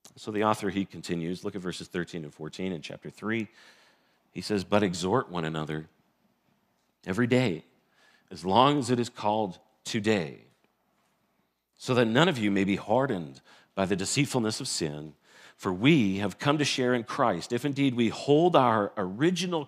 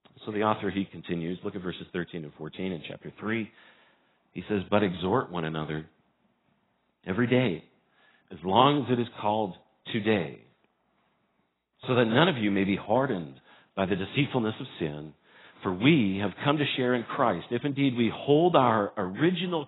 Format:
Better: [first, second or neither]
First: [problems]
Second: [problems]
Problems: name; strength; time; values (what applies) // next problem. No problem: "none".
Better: first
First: none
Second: garbled, watery; badly; nothing above 4 kHz